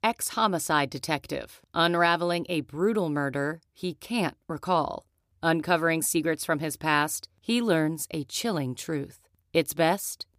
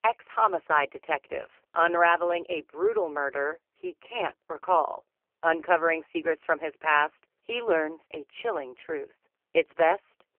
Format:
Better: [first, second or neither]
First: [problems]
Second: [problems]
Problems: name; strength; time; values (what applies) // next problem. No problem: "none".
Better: first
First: none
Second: phone-call audio; poor line; nothing above 3 kHz